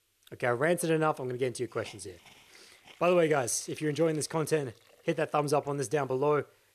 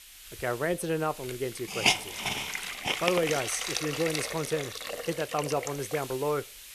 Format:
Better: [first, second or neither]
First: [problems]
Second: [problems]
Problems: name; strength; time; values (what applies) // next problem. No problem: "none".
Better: first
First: hiss; faint; throughout; 25 dB below the speech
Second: hiss; loud; throughout; as loud as the speech